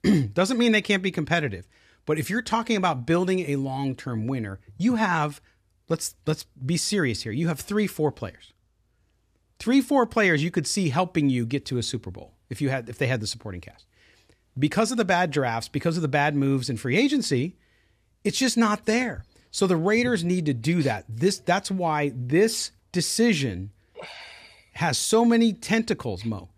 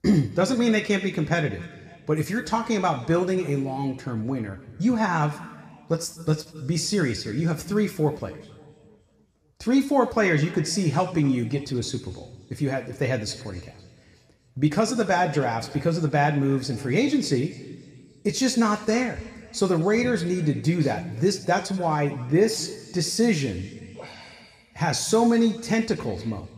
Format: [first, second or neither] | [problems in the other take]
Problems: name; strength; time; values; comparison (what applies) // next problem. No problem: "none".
first | room echo; slight; dies away in 1.3 s